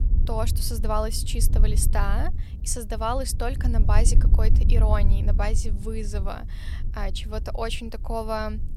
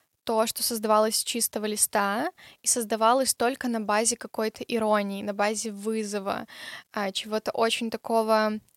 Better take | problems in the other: second | low rumble; noticeable; throughout; 15 dB below the speech

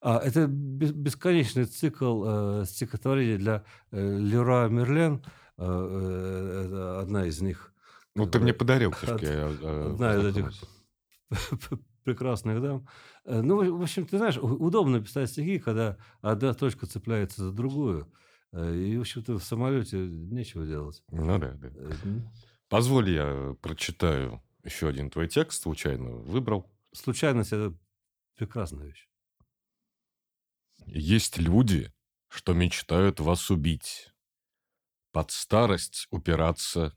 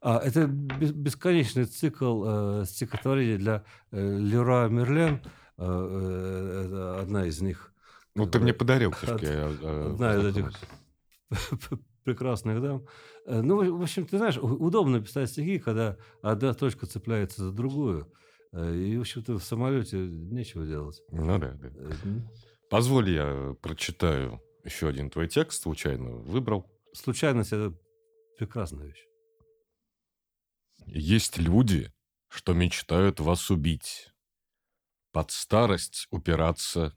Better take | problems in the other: first | alarms or sirens; faint; throughout; 20 dB below the speech

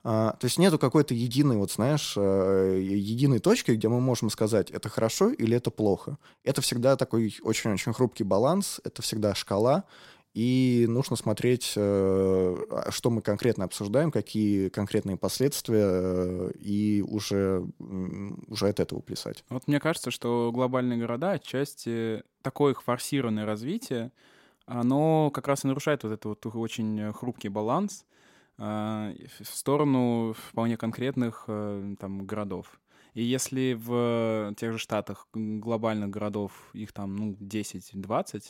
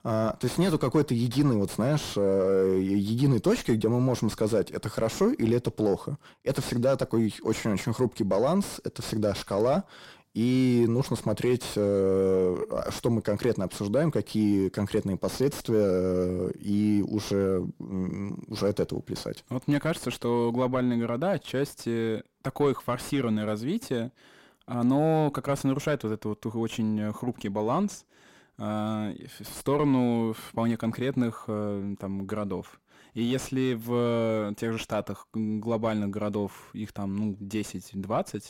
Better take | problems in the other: first | distortion; slight; 10 dB below the speech

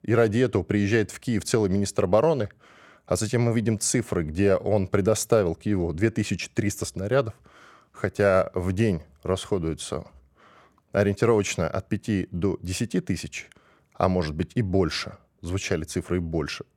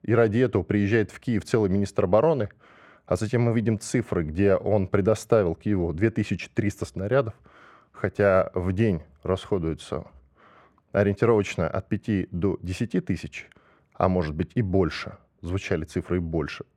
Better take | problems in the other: first | muffled; slightly; fading above 4 kHz

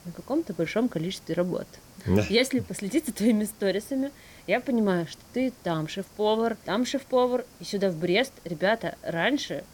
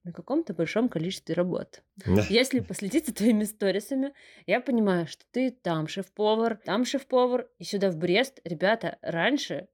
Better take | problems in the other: second | hiss; faint; throughout; 25 dB below the speech

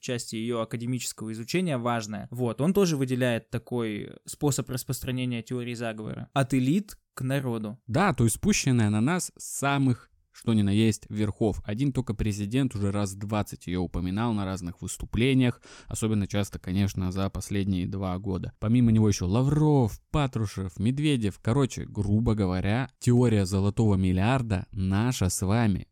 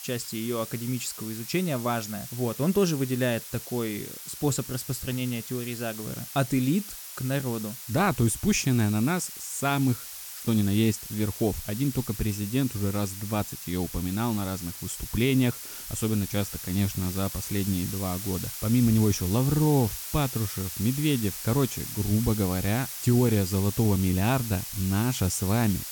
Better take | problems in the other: first | hiss; loud; throughout; 8 dB below the speech

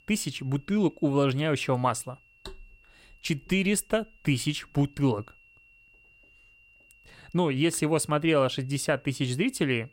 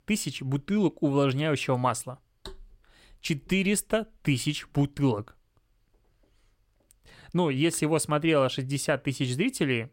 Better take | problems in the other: second | high-pitched whine; faint; throughout; 2.5 kHz, 30 dB below the speech

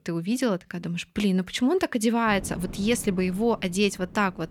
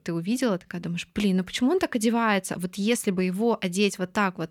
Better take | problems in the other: second | wind noise on the microphone; occasional gusts; from 2.5 s on; 20 dB below the speech

